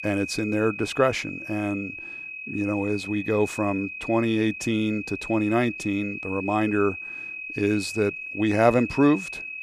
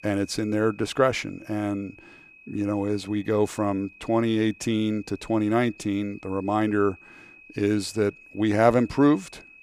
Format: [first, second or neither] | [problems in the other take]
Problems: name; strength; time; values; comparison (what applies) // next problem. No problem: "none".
second | high-pitched whine; loud; throughout; 2.5 kHz, 9 dB below the speech; faint in the second